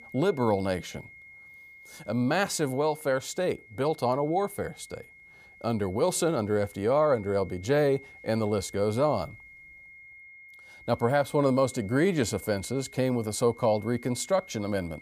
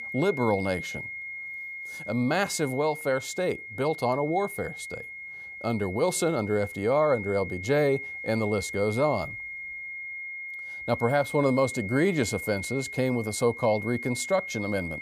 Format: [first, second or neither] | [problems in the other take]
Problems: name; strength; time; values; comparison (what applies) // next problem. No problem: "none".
first | high-pitched whine; loud; throughout; 2 kHz, 9 dB below the speech; faint in the first